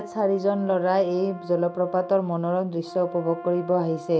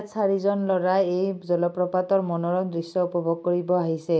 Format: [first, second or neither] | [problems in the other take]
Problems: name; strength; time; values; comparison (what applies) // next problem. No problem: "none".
second | background sound (Brass instrument); 16 dB below the speech